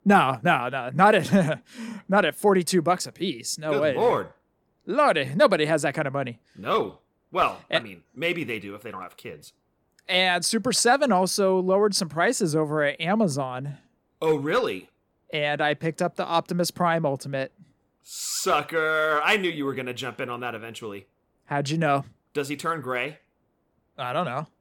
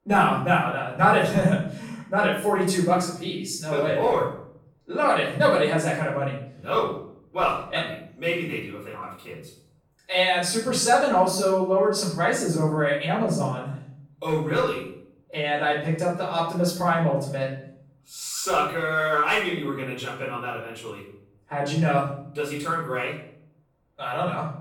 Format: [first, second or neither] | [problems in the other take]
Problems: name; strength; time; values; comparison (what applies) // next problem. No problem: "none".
first | room echo; noticeable; dies away in 0.6 s // off-mic speech; far